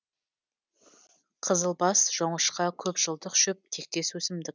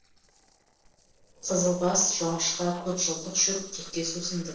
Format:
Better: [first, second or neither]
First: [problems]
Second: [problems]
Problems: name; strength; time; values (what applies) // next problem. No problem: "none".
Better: first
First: none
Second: noise reduction (neural separator model SepFormer DNS4)